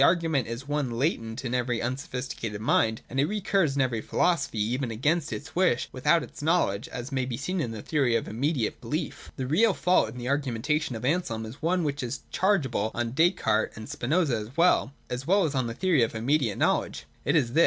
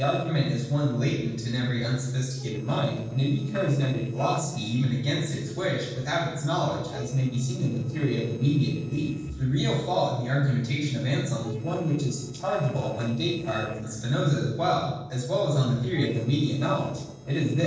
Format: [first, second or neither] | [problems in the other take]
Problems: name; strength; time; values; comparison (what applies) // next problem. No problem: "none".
first | noise reduction (neural separator model SepFormer DNS4)